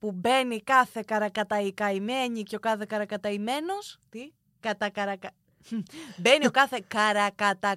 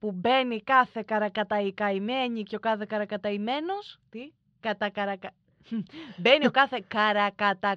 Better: first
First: none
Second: muffled; very slightly; fading above 3.5 kHz

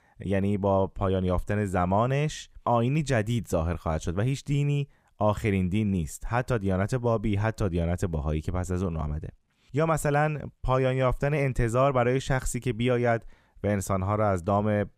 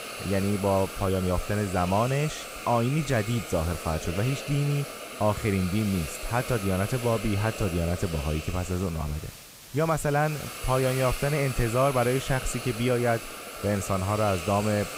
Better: first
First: none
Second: hiss; loud; throughout; 9 dB below the speech

